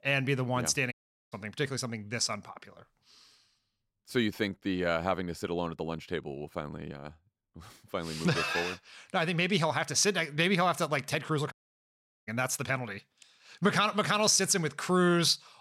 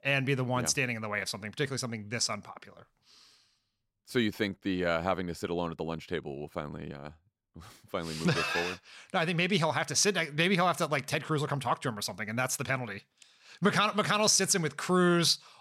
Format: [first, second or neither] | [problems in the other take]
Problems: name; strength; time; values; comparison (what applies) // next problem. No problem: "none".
second | audio cutting out; at 1 s and at 12 s for 1 s